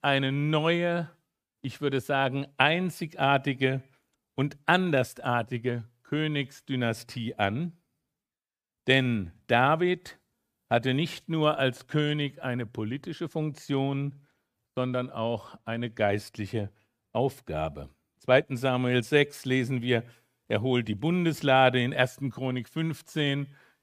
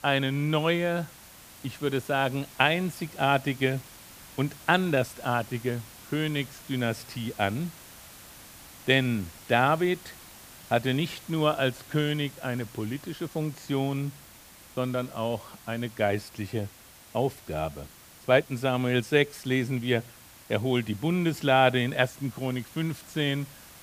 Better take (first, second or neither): first